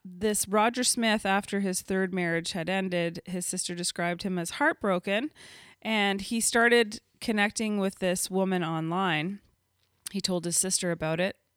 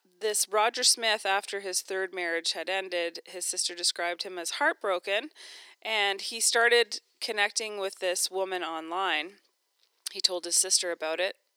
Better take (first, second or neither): first